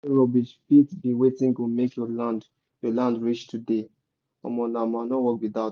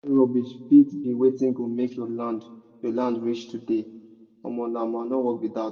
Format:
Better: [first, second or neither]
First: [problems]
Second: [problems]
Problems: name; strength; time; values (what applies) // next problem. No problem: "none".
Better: first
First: none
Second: room echo; dies away in 1.1 s